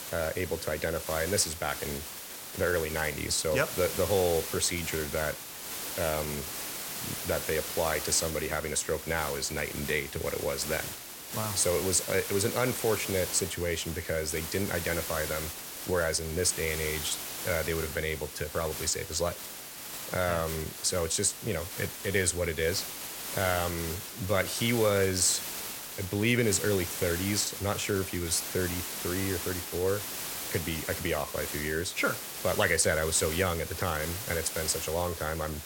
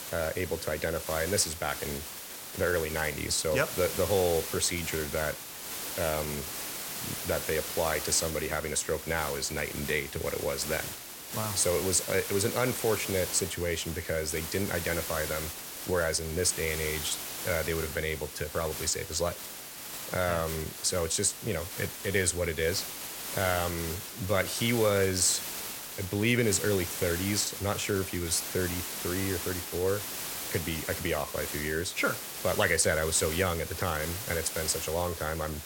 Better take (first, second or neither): neither